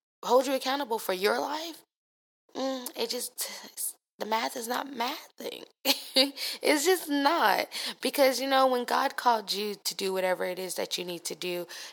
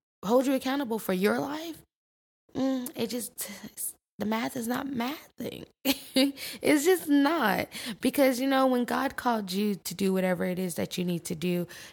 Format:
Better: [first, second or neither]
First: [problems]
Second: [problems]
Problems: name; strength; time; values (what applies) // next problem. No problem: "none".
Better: second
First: thin; somewhat; fading below 450 Hz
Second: none